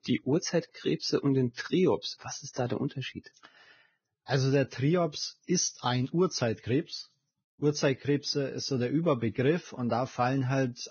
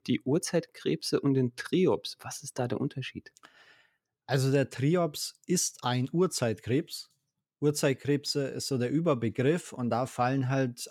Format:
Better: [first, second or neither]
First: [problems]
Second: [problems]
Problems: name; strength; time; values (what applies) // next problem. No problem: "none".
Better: second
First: garbled, watery; badly; nothing above 6.5 kHz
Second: none